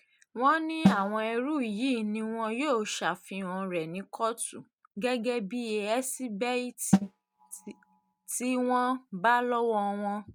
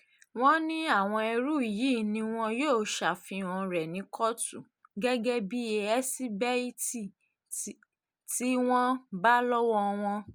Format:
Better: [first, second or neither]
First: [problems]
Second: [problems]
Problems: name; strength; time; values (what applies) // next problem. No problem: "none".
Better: second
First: noise reduction (neural mask model RNNoise)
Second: none